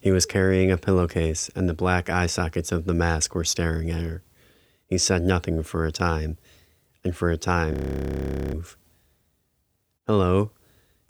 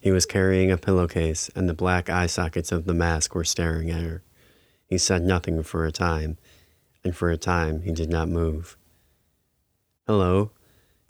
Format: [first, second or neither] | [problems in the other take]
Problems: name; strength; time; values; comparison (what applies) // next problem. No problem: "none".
second | audio freezing; at 7.5 s for 1 s